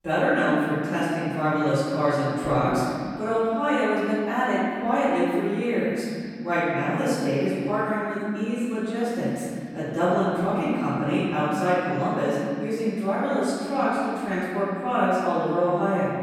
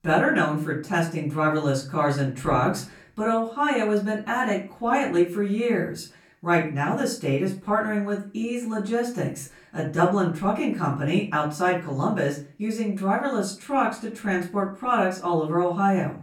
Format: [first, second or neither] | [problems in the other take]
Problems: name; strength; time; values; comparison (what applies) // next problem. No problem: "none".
second | room echo; strong; dies away in 2.2 s; slight in the second // off-mic speech; far; far in the second